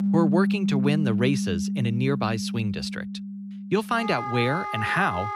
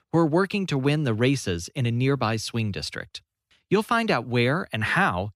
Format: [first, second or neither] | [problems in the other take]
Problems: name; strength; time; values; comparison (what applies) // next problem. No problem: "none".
second | background music; loud; throughout; 2 dB below the speech